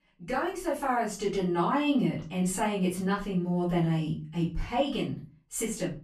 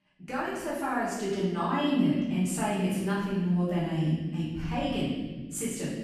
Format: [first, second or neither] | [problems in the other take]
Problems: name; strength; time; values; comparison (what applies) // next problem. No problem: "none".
first | room echo; strong; dies away in 1.5 s; slight in the first // off-mic speech; far; far in the first